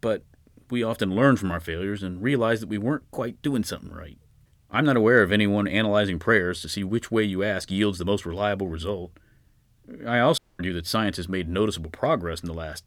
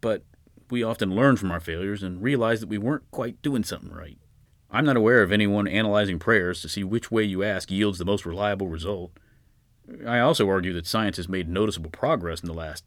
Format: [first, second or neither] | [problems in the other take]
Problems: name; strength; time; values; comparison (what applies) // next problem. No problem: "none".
second | audio cutting out; at 10 s